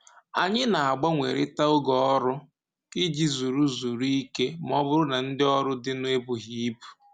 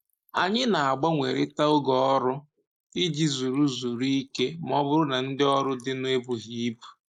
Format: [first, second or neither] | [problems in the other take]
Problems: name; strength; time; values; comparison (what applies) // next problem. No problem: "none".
first | noise reduction (neural mask model Resemble Enhance denoiser)